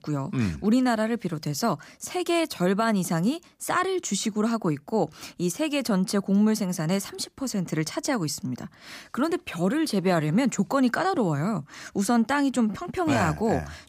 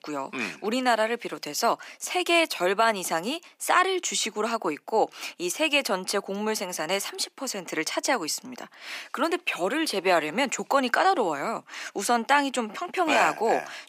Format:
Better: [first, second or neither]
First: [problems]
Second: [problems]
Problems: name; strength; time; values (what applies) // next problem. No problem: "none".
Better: first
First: none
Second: thin; somewhat; fading below 350 Hz